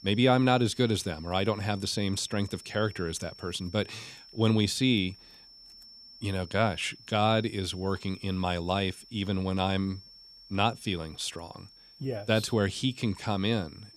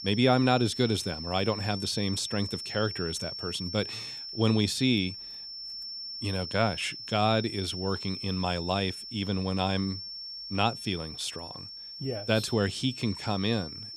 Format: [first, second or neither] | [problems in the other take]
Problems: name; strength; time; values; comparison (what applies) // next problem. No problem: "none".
first | high-pitched whine; loud; throughout; 5.5 kHz, 8 dB below the speech; faint in the first